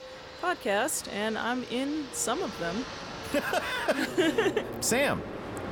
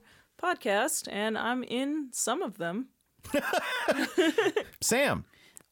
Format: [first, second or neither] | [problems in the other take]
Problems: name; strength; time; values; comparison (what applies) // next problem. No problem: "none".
second | train or aircraft noise; loud; throughout; 10 dB below the speech